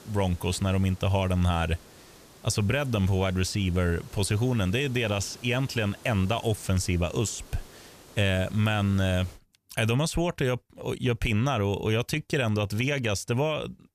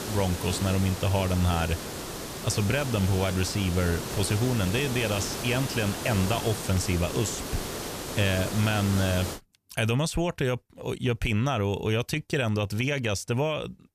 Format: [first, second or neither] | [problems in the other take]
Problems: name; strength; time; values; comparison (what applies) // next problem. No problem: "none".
first | hiss; loud; until 9.5 s; 6 dB below the speech; faint in the first